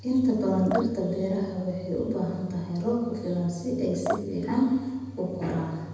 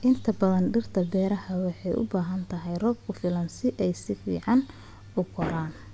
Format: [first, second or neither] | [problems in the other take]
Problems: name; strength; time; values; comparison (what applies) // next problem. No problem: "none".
second | background sound (Drip); 11 dB below the speech // room echo; dies away in 1 s